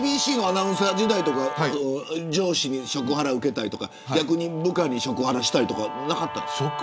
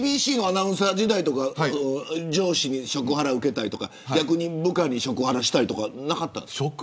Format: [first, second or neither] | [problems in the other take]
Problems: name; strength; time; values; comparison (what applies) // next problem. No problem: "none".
second | background sound (Guitar); 10 dB below the speech